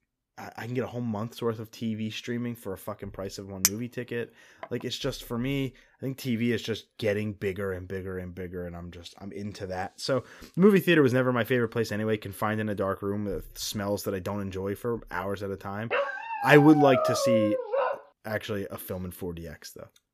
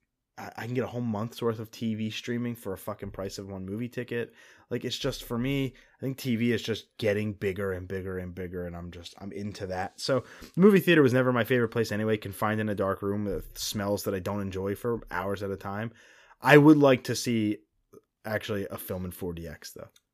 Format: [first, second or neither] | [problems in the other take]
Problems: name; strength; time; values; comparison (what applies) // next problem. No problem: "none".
second | clattering dishes; loud; at 3.5 s; peak 3 dB above the speech // dog barking; loud; from 16 to 18 s; peak 3 dB above the speech